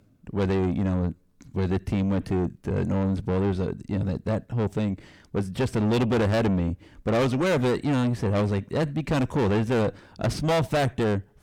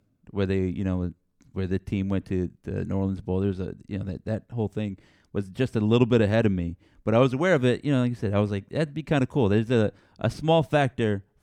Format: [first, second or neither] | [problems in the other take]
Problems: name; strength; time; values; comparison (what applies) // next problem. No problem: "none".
second | distortion; heavy; 5 dB below the speech